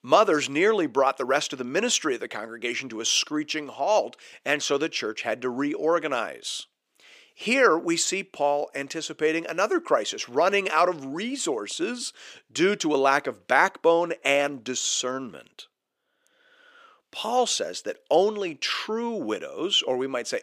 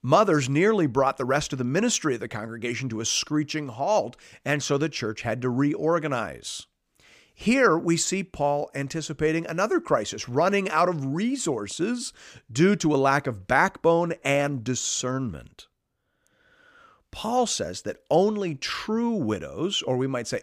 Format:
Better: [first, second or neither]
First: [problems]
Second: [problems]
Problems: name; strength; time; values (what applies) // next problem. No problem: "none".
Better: second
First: thin; somewhat; fading below 400 Hz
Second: none